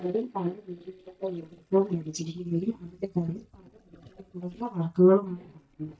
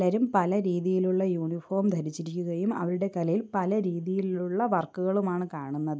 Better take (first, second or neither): second